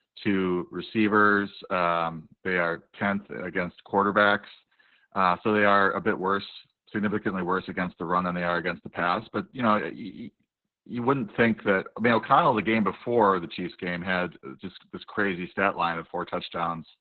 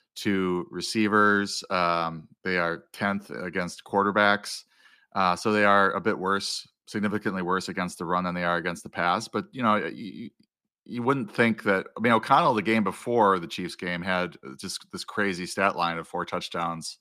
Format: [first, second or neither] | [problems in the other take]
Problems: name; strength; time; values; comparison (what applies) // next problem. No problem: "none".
second | garbled, watery; badly; nothing above 4 kHz